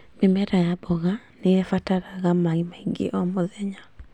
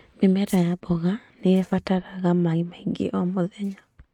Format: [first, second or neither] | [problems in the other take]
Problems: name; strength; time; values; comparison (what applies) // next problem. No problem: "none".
first | noise reduction (neural mask model RNNoise)